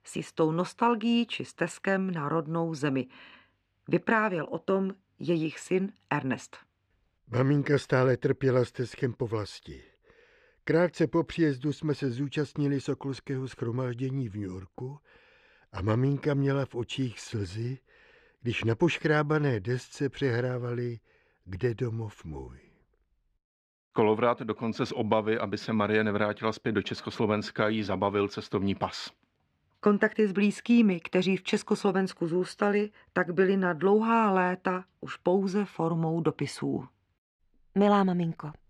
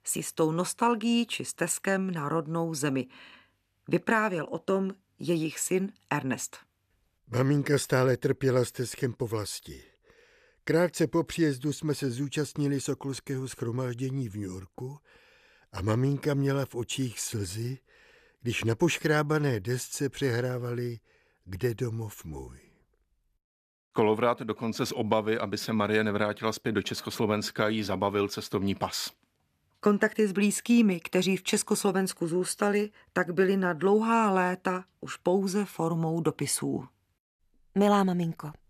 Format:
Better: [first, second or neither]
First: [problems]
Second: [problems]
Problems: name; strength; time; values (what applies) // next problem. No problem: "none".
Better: second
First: muffled; slightly; fading above 3.5 kHz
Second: none